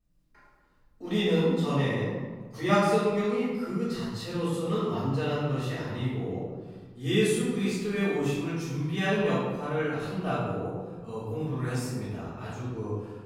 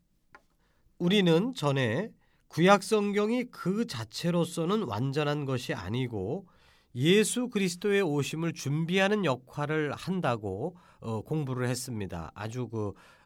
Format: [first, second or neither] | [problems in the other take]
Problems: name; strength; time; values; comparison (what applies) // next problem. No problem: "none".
second | off-mic speech; far // room echo; strong; dies away in 1.2 s